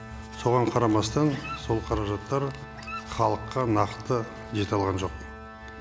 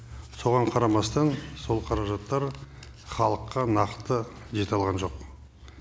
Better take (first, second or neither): second